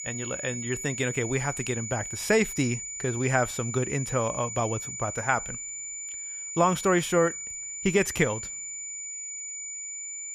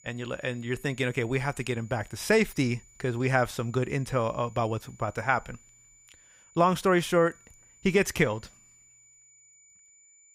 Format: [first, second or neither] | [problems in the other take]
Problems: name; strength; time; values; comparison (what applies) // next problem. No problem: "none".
second | high-pitched whine; loud; throughout; 7 kHz, 6 dB below the speech; faint in the second